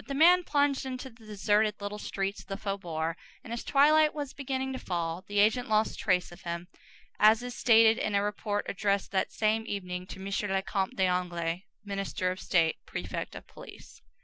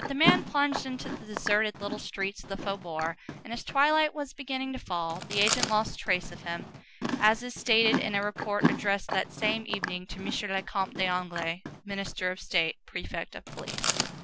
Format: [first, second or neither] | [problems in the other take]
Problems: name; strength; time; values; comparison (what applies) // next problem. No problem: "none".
first | background sound (Chewing, mastication); 5 dB below the speech